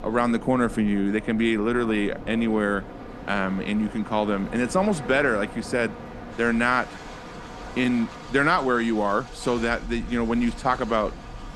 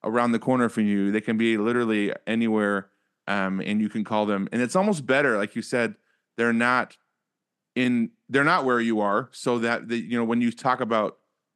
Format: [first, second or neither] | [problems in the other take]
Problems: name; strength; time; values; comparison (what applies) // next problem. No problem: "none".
second | train or aircraft noise; noticeable; throughout; 15 dB below the speech